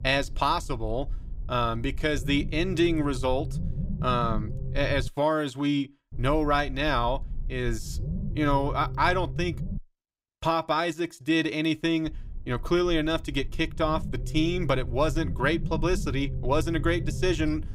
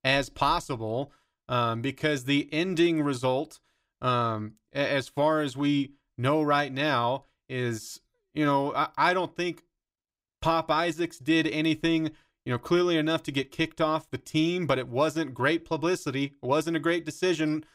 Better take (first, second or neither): second